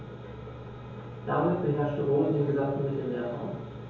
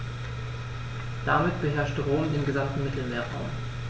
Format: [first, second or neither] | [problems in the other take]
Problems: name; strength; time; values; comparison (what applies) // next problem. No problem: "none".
second | room echo; dies away in 0.7 s